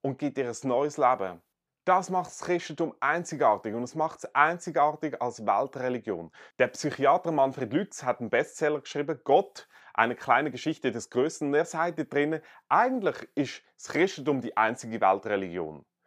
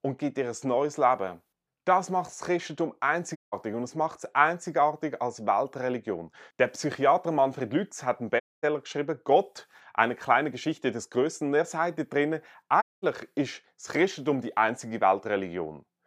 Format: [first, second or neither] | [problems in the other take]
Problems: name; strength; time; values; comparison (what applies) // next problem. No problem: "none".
first | audio cutting out; at 3.5 s, at 8.5 s and at 13 s